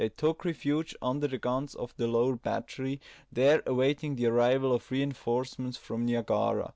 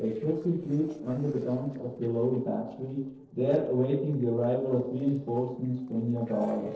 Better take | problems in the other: first | noise reduction (neural separator model SepFormer DNS4)

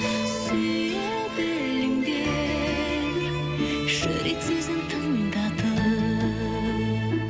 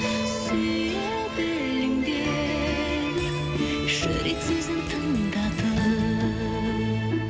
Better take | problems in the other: first | background sound (Drum kit + Truck); 13 dB below the speech

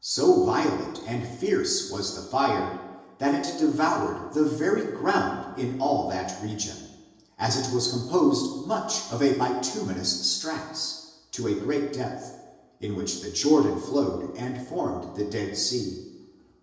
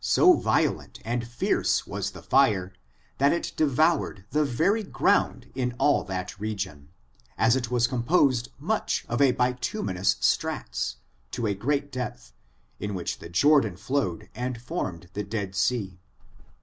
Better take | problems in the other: second | room echo; dies away in 1 s

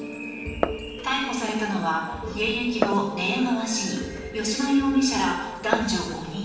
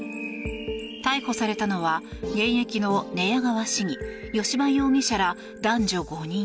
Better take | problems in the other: second | background sound (Glass); 9 dB below the speech // room echo; dies away in 0.9 s

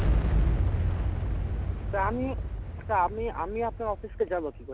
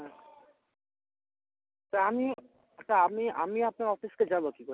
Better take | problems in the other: second | background sound (Boom); 4 dB above the speech

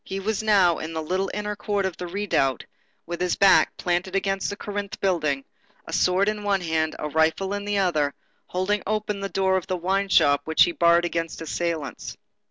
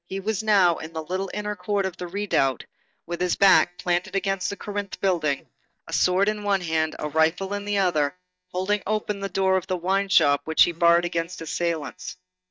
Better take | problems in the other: first | noise reduction (neural mask model DeepFilterNet 3)

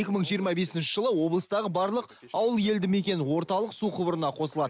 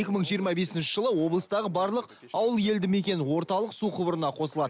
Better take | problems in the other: second | noise reduction (neural mask model Resemble Enhance denoiser)

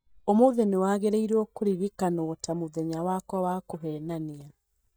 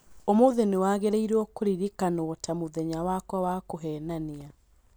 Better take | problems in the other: second | noise reduction (neural mask model DeepFilterNet 3)

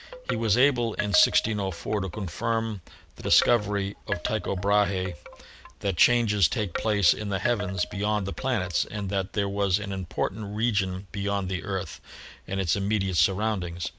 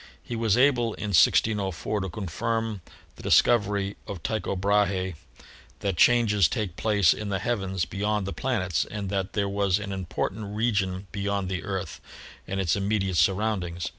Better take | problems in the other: second | background sound (Wind chime); 12 dB below the speech

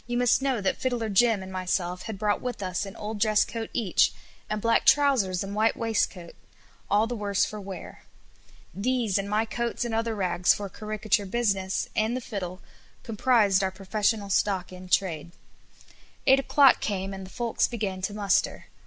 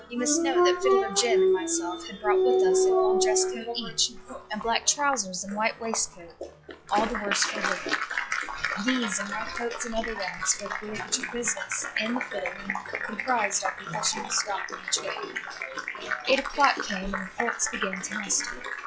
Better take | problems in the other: first | noise reduction (classical method log-MMSE)

